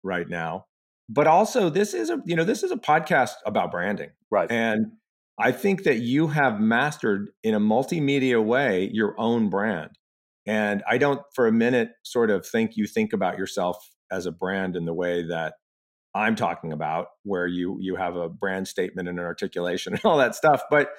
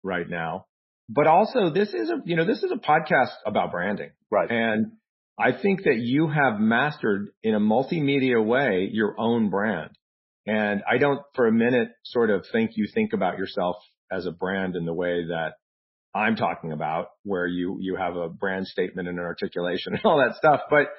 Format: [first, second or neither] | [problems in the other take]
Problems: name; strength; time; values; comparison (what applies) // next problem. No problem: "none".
first | garbled, watery; badly; nothing above 5.5 kHz